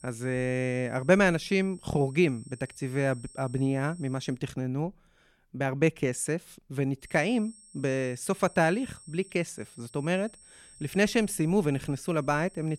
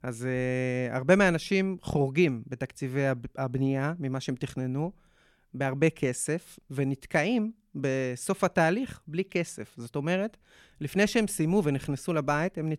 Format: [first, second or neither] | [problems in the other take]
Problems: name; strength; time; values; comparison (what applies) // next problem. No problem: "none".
second | high-pitched whine; faint; until 4.5 s and from 7 s on; 8.5 kHz, 25 dB below the speech